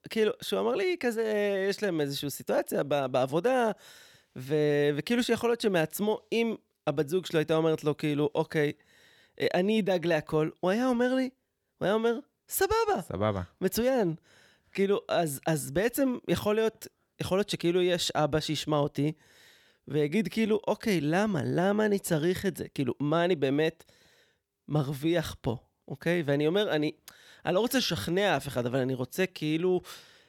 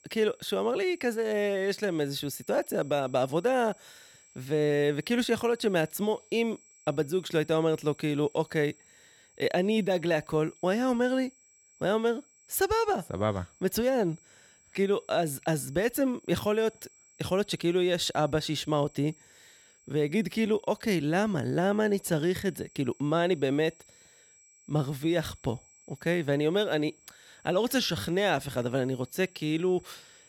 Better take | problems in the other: first | high-pitched whine; faint; throughout; 7.5 kHz, 30 dB below the speech

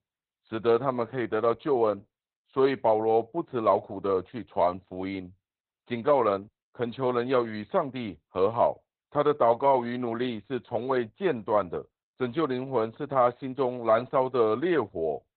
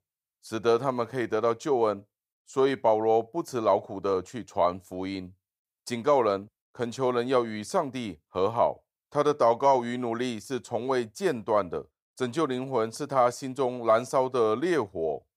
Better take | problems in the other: second | garbled, watery; badly; nothing above 4 kHz

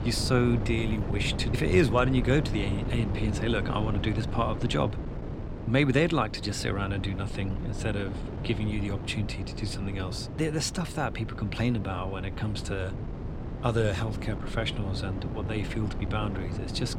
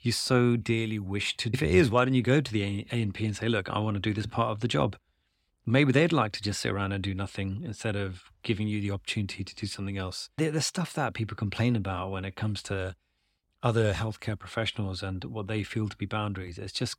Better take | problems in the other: second | wind noise on the microphone; heavy; 10 dB below the speech

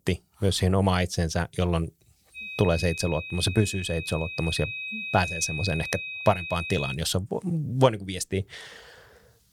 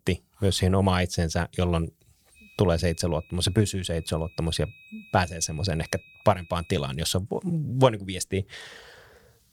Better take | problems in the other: second | high-pitched whine; loud; from 2.5 to 7 s; 2.5 kHz, 6 dB below the speech; faint in the second

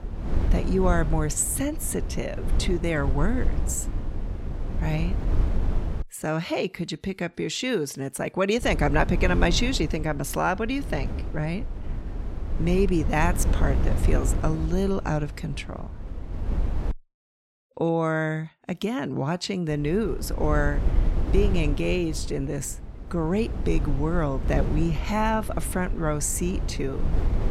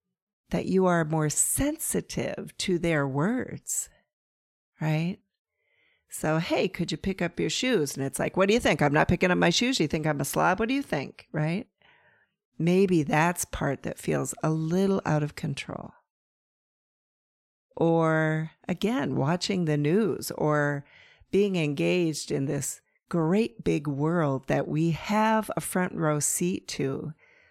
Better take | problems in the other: second | wind noise on the microphone; occasional gusts; until 6 s, from 8.5 to 17 s and from 20 s on; 10 dB below the speech

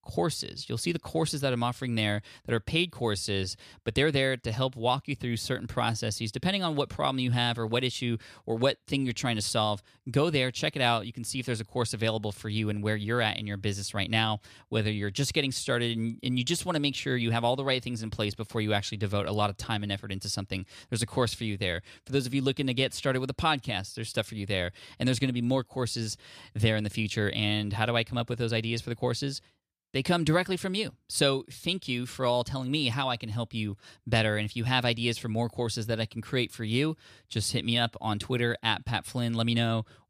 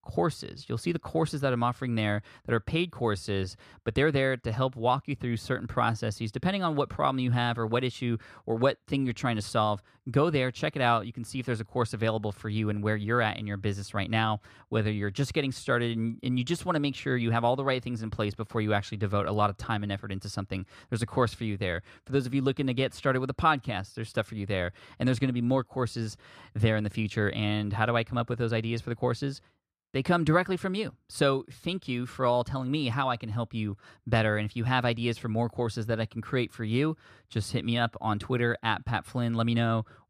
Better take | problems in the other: first | muffled; slightly; fading above 2.5 kHz

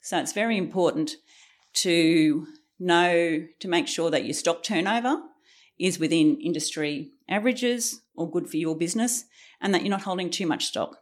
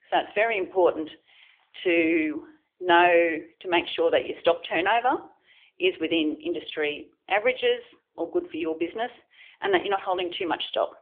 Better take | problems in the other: first | phone-call audio; nothing above 3.5 kHz

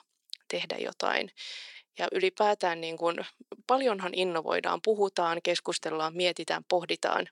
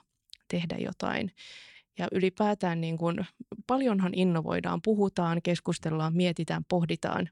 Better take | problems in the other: second | thin; very; fading below 400 Hz

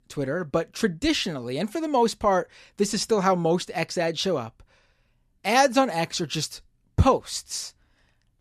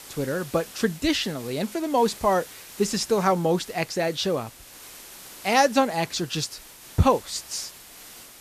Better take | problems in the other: first | hiss; noticeable; throughout; 15 dB below the speech

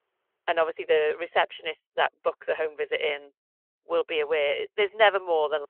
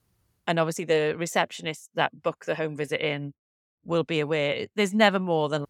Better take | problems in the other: second | phone-call audio; nothing above 3 kHz

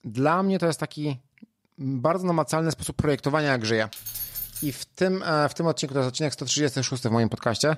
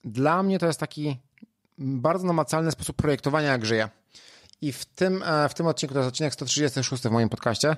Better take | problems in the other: second | jangling keys; noticeable; at 4 s; peak 5 dB below the speech

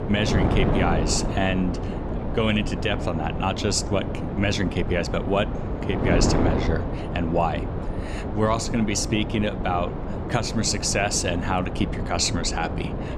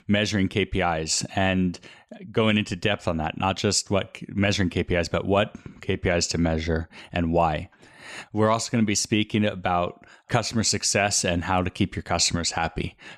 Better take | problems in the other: second | wind noise on the microphone; heavy; 6 dB below the speech

